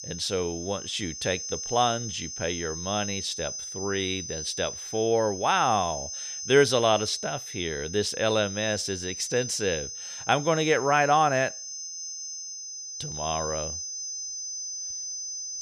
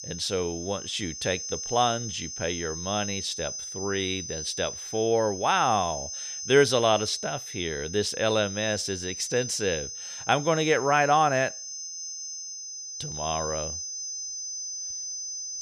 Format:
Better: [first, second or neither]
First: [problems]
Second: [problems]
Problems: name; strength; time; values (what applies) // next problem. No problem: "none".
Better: neither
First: high-pitched whine; loud; throughout; 6 kHz, 7 dB below the speech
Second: high-pitched whine; loud; throughout; 6 kHz, 7 dB below the speech